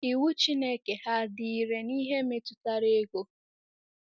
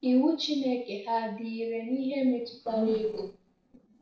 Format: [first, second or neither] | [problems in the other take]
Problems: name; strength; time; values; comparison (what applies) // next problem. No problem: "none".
first | noise reduction (neural separator model SepFormer DNS4)